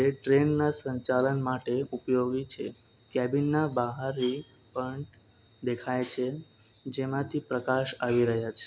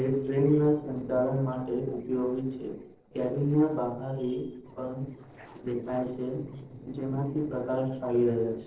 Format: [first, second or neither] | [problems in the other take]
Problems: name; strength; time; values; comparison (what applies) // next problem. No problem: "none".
first | noise reduction (neural separator model SepFormer DNS4)